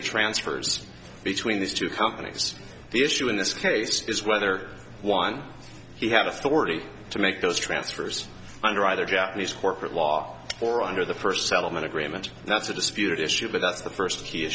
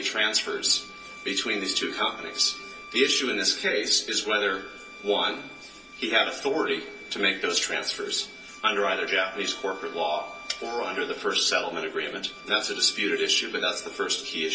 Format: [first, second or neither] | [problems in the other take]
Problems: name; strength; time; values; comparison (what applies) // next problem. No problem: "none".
first | background sound (Bowed string instrument); 18 dB below the speech // room echo; dies away in 0.3 s